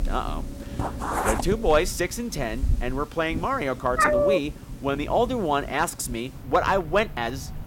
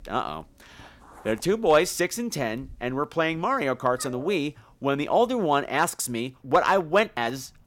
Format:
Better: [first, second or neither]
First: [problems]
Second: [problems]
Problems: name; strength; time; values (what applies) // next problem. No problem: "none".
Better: second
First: animal sounds; loud; throughout; 3 dB below the speech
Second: animal sounds; faint; throughout; 25 dB below the speech